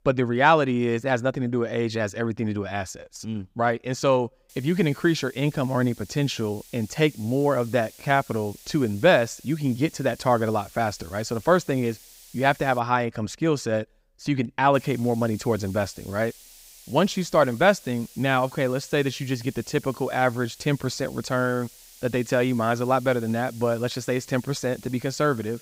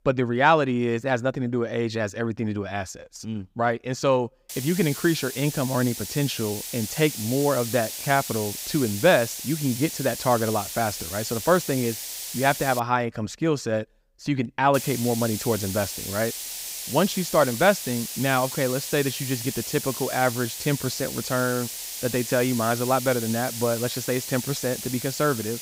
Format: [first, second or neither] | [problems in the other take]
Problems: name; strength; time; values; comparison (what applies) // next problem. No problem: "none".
first | hiss; loud; from 4.5 to 13 s and from 15 s on; 7 dB below the speech; faint in the first